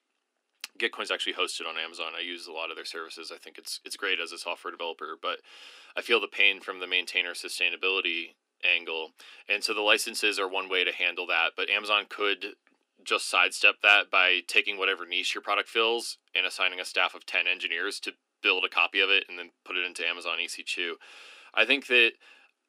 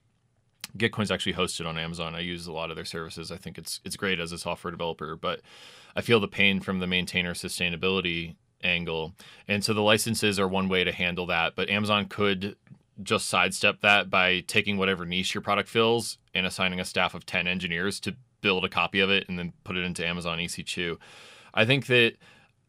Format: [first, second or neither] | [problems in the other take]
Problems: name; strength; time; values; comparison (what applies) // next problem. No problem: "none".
second | thin; very; fading below 250 Hz